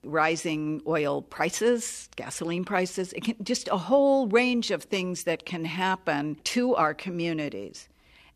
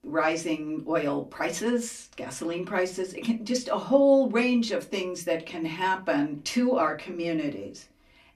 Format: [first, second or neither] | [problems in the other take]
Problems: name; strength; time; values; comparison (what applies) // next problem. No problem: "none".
first | off-mic speech; far // room echo; very slight; dies away in 0.2 s